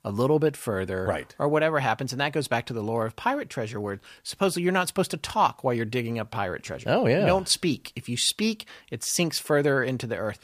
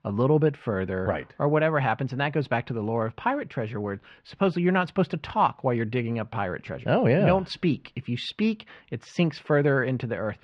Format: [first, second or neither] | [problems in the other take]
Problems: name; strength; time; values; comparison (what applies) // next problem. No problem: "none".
first | muffled; slightly; fading above 3 kHz